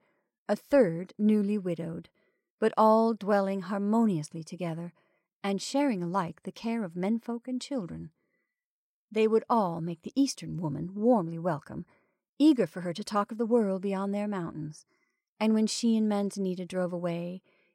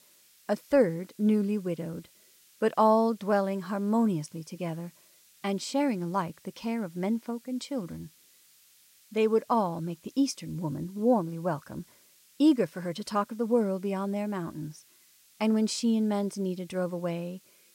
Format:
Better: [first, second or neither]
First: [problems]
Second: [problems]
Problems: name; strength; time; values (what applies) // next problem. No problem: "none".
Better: first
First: none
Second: hiss; faint; throughout; 30 dB below the speech